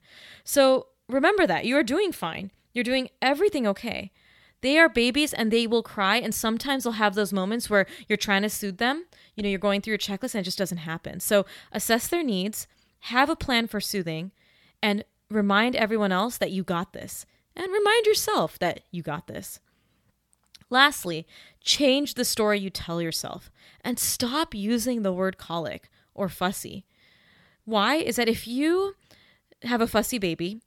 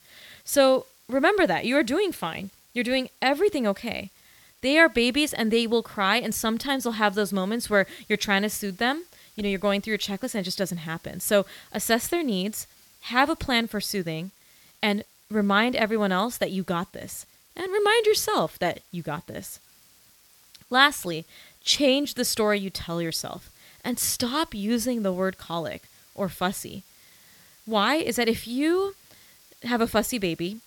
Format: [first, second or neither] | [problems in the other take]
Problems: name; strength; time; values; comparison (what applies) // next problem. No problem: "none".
first | hiss; faint; throughout; 30 dB below the speech